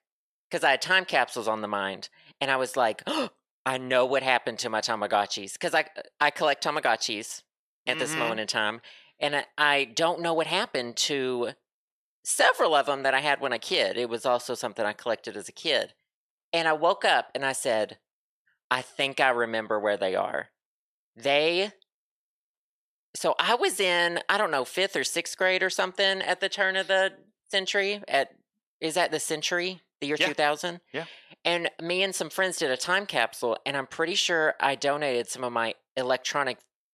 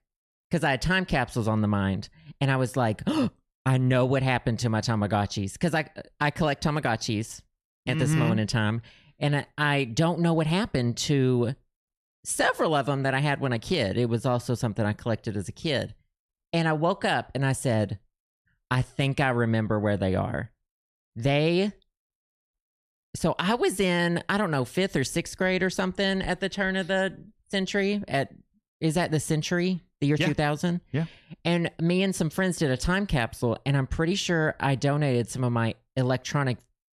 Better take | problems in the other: second | thin; very; fading below 550 Hz

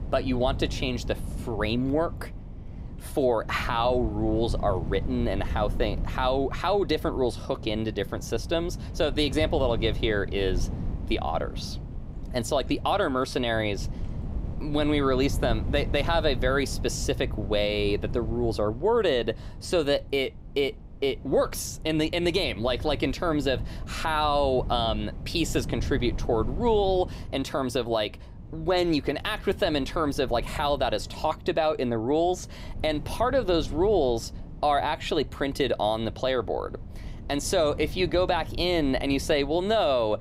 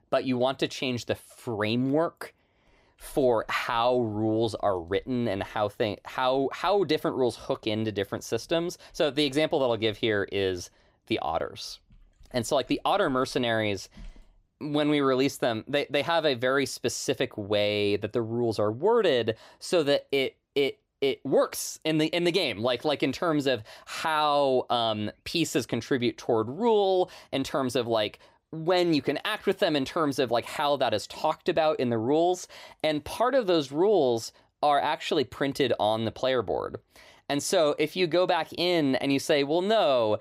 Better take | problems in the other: second | wind noise on the microphone; occasional gusts; 20 dB below the speech

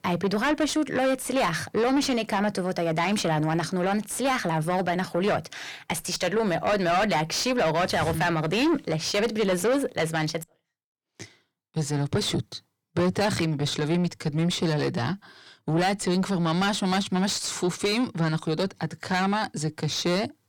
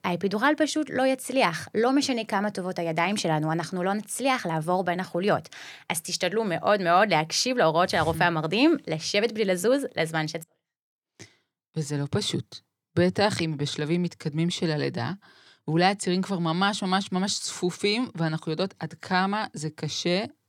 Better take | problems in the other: second | distortion; heavy; 8 dB below the speech

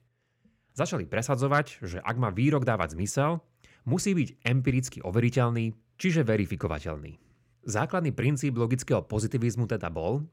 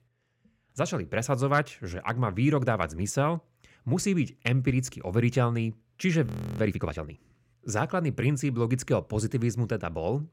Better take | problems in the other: first | audio freezing; at 6.5 s

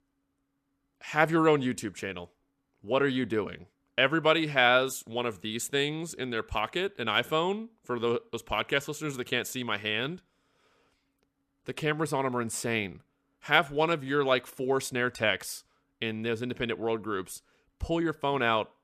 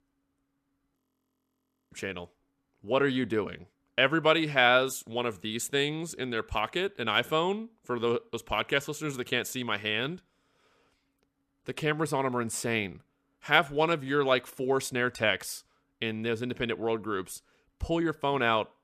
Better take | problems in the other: first | audio freezing; at 1 s for 1 s

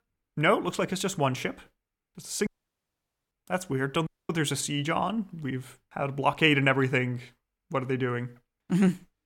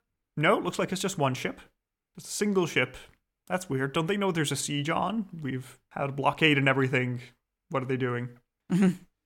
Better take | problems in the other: second | audio cutting out; at 2.5 s for 1 s and at 4 s

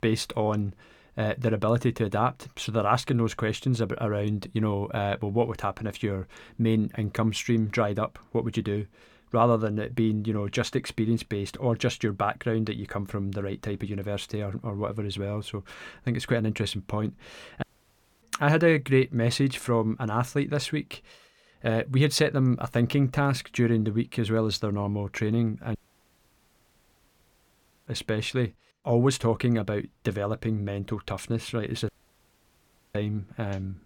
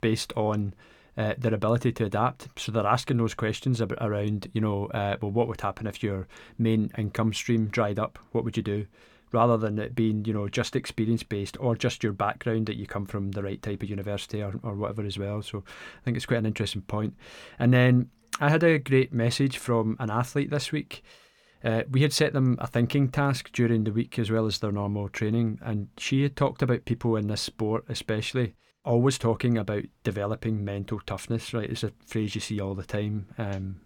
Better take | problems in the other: second | audio cutting out; at 18 s for 0.5 s, at 26 s for 2 s and at 32 s for 1 s

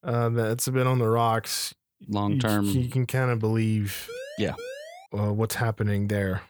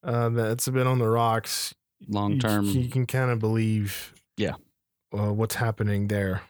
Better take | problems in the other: second | siren; faint; at 4 s; peak 10 dB below the speech

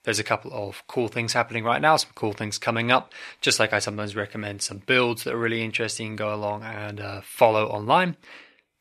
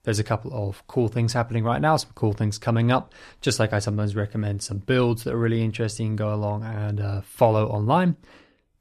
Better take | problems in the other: second | thin; somewhat; fading below 600 Hz

